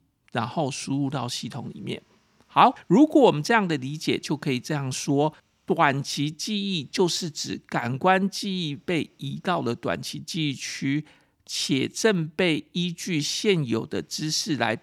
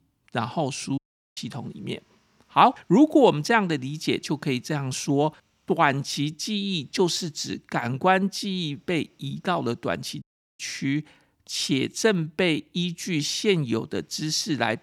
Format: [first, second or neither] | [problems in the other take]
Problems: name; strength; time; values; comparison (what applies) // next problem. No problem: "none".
first | audio cutting out; at 1 s and at 10 s